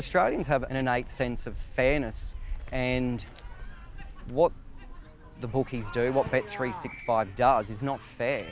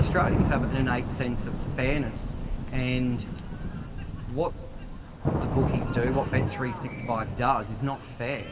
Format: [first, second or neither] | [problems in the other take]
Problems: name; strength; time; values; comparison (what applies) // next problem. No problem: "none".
first | background sound (Thunder / Rain); 1 dB below the speech // room echo; dies away in 1.3 s